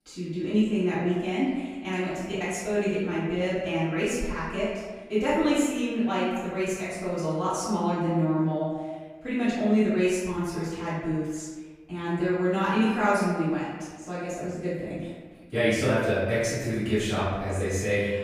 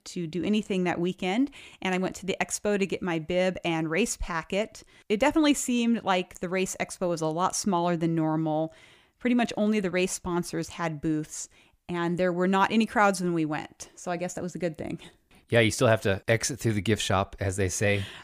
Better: second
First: off-mic speech; far // room echo; strong; dies away in 1.2 s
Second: none

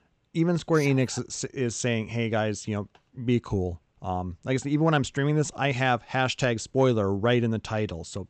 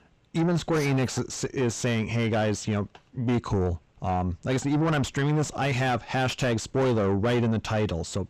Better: first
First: none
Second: distortion; heavy; 7 dB below the speech

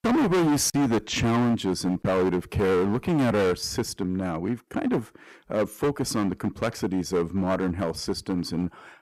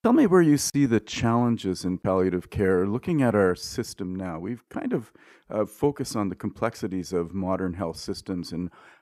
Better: second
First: distortion; heavy; 16% of the sound clipped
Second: none

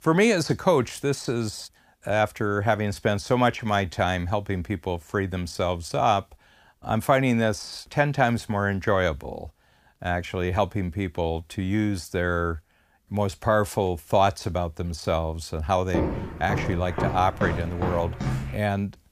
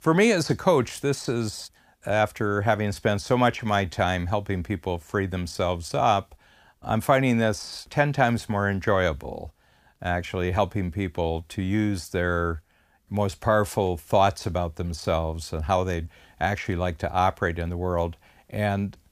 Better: second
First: footsteps; noticeable; from 16 to 19 s; peak 2 dB below the speech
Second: none

